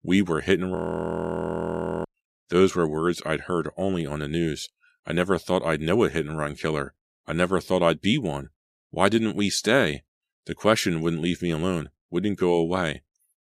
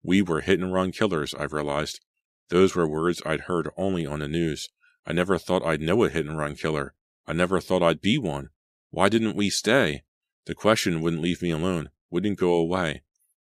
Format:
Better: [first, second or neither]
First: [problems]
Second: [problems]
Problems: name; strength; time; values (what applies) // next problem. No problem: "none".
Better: second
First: audio freezing; at 1 s for 1.5 s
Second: none